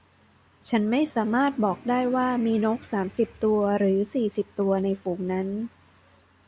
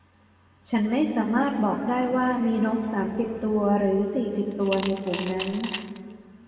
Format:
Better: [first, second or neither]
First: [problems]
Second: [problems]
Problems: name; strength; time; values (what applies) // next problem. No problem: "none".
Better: first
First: none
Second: background sound (Coin (dropping) / Glass); 12 dB below the speech // room echo; dies away in 2.2 s